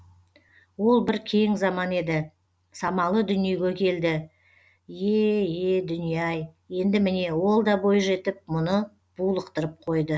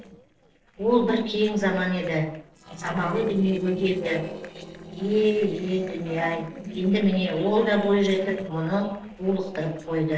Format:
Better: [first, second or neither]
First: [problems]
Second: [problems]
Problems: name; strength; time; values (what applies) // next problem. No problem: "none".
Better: first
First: none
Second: noise reduction (neural separator model SepFormer DNS4)